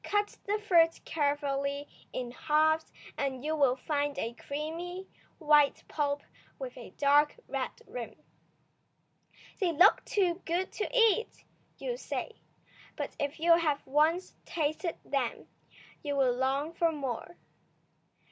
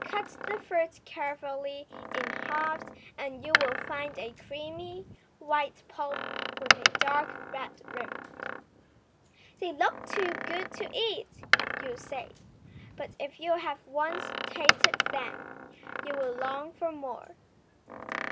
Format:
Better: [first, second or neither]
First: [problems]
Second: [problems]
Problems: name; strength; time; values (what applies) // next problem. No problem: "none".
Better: first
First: none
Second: background sound (Door); 1 dB above the speech